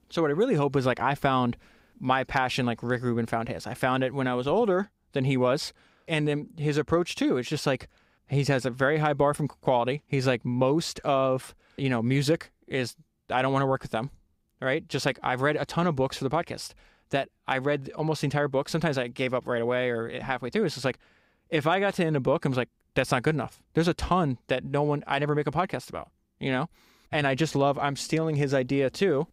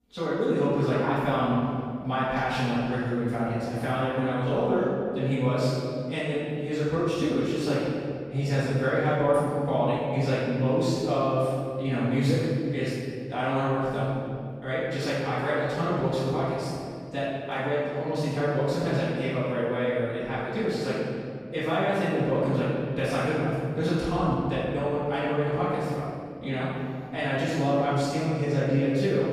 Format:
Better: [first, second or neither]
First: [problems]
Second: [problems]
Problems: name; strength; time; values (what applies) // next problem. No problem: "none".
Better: first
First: none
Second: off-mic speech; far // room echo; strong; dies away in 2.2 s